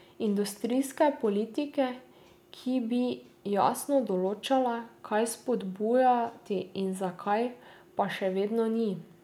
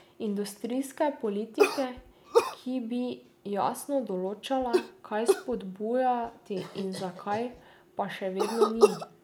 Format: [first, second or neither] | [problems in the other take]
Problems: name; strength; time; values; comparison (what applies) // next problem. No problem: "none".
first | background sound (Cough); as loud as the speech